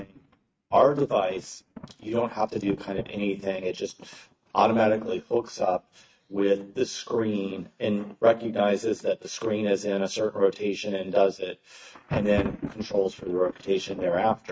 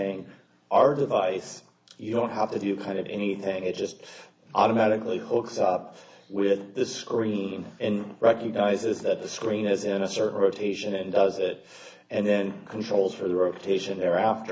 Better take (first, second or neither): second